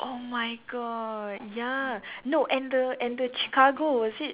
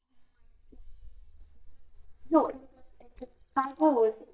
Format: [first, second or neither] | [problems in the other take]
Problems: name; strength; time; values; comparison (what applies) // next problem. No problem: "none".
first | noise reduction (neural mask model DeepFilterNet 3)